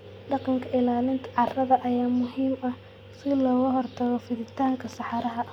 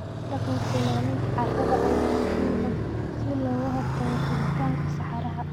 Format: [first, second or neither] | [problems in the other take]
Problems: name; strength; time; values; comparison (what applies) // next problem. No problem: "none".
first | background sound (Motorcycle); 5 dB above the speech